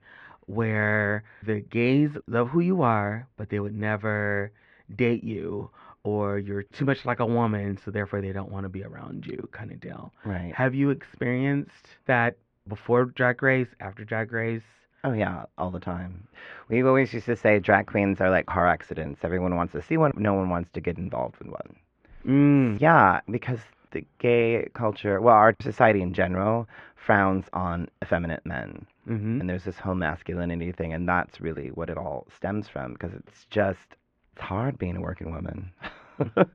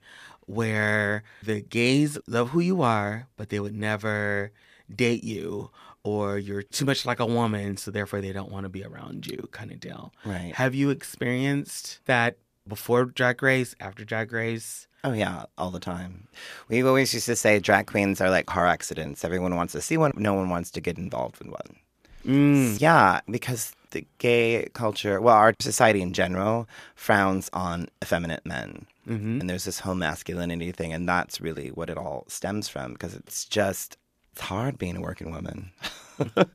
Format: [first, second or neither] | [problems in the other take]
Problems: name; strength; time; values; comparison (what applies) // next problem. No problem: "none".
second | muffled; very; fading above 2 kHz